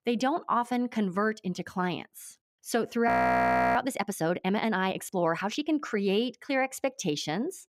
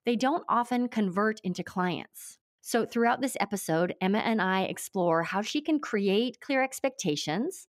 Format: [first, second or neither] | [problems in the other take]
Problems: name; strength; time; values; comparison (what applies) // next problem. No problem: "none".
second | audio freezing; at 3 s for 0.5 s